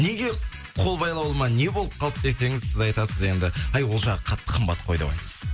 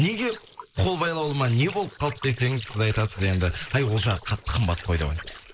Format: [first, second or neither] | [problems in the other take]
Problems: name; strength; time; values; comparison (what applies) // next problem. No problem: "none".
first | noise reduction (neural mask model Resemble Enhance denoiser)